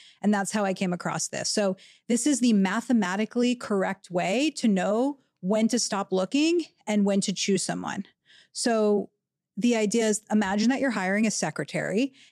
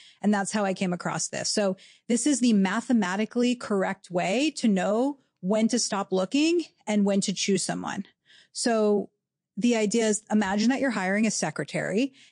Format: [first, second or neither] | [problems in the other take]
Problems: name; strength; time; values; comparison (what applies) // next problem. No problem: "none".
first | garbled, watery; slightly; nothing above 8.5 kHz